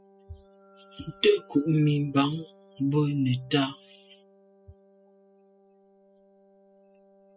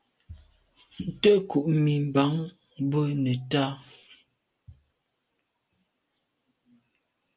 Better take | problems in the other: second | noise reduction (classical method spectral subtraction)

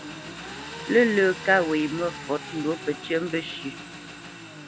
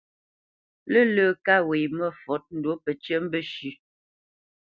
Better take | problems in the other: second | background sound (Engine); 12 dB below the speech

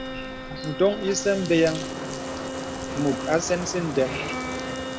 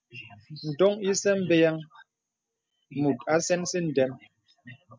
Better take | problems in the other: second | background sound (Bathtub (filling or washing) + Bowed string instrument); 5 dB below the speech

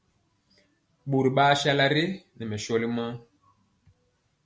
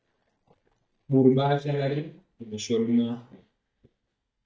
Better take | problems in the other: first | noise reduction (neural mask model DeepFilterNet 3)

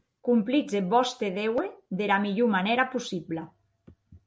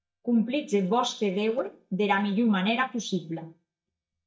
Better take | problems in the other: first | noise reduction (neural mask model DeepFilterNet 3)

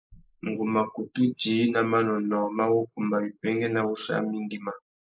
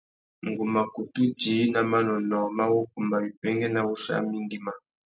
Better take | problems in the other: second | noise reduction (neural mask model Resemble Enhance denoiser)

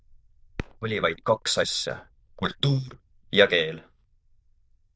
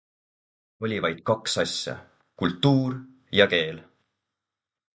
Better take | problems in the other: second | noise reduction (neural diffusion model UNIVERSE++)

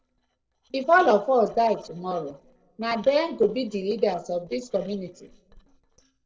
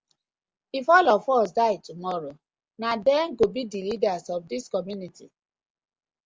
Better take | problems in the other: second | noise reduction (neural separator model SepFormer DNS4)

